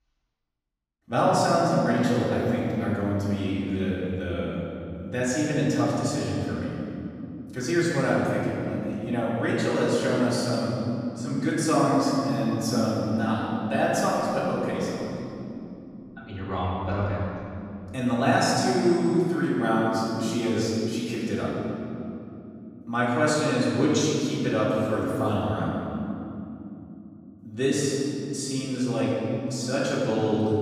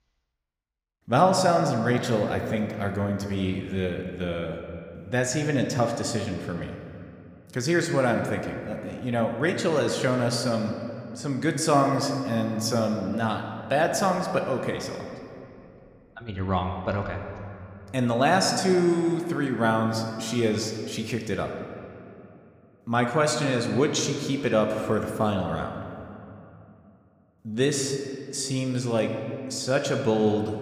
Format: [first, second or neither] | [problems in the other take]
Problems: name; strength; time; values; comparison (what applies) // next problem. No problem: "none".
second | room echo; strong; dies away in 3 s; slight in the second // off-mic speech; far